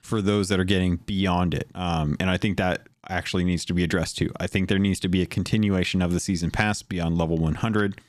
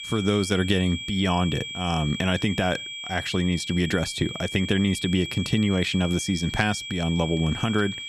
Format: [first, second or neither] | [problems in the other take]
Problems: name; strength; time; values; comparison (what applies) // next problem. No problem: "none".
first | high-pitched whine; loud; throughout; 3.5 kHz, 8 dB below the speech